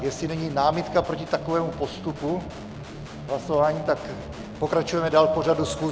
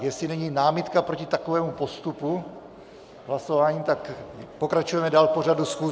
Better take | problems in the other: second | background sound (Guitar); 13 dB below the speech

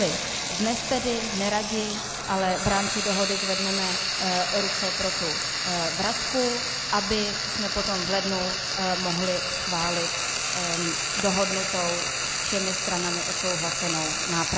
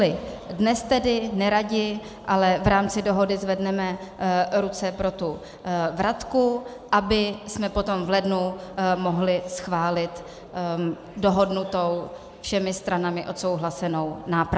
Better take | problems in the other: second | background sound (Frying (food)); 1 dB above the speech

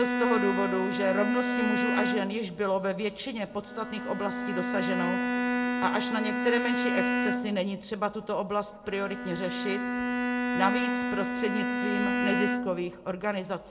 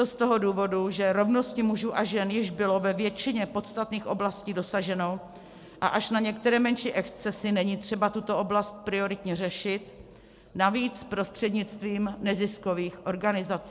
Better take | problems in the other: second | background sound (Bowed string instrument); 1 dB above the speech // room echo; dies away in 0.5 s

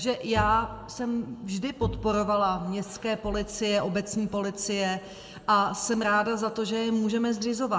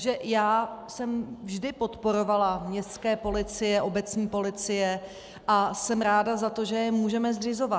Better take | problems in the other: second | background sound (Bowed string instrument); 10 dB below the speech // room echo; dies away in 0.6 s

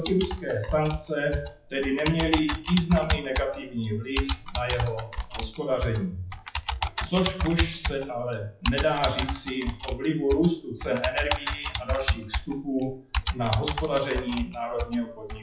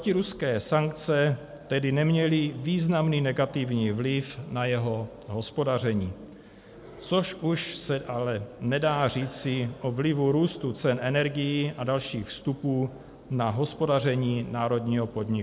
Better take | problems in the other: second | noise reduction (classical method WPE with log-MMSE)

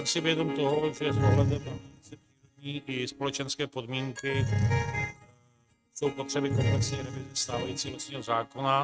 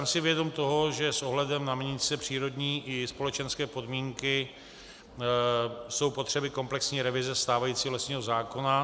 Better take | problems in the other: second | noise reduction (neural mask model RNNoise)

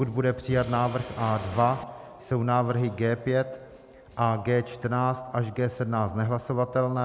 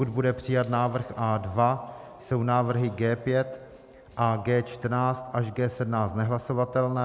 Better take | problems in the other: second | background sound (Drum kit); 13 dB below the speech

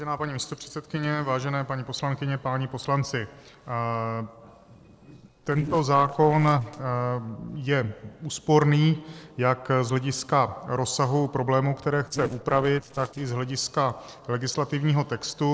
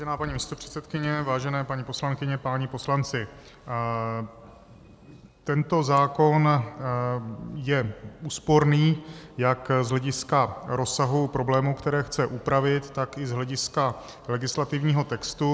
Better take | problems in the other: second | noise reduction (neural separator model SepFormer DNS4)

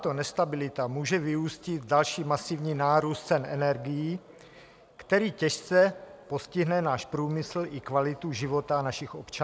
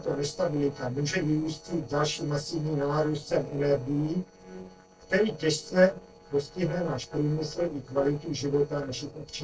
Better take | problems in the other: first | noise reduction (neural separator model SepFormer DNS4)

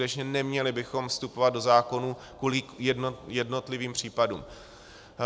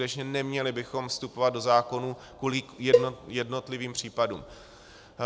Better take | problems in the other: first | background sound (Cowbell); 2 dB above the speech

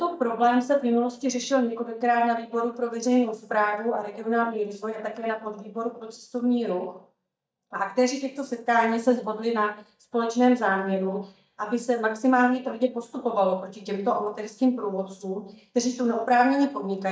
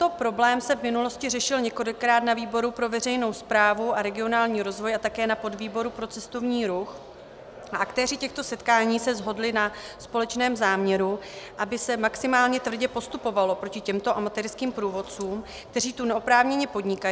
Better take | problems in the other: second | noise reduction (neural mask model DeepFilterNet 3)

